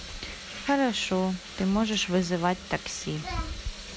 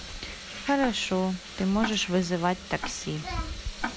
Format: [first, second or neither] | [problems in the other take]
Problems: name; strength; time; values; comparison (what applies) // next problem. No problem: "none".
first | background sound (Tick-tock); 12 dB below the speech